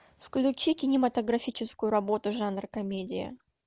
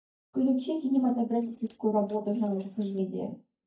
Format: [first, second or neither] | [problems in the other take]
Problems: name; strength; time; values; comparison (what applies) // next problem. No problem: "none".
first | noise reduction (neural mask model DeepFilterNet 3)